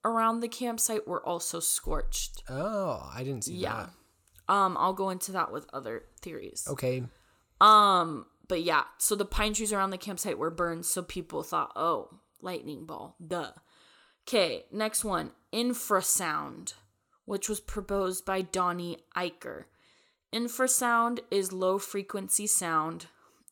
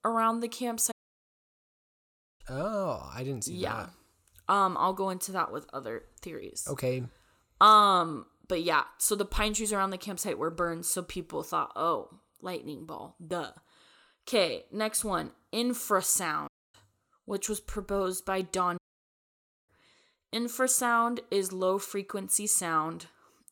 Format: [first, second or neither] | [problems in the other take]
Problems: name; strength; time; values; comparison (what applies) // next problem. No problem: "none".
first | audio cutting out; at 1 s for 1.5 s, at 16 s and at 19 s for 1 s